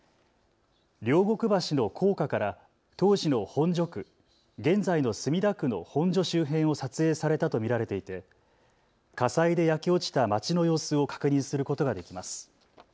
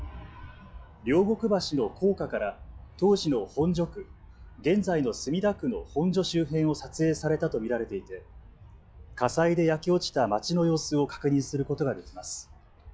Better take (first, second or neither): first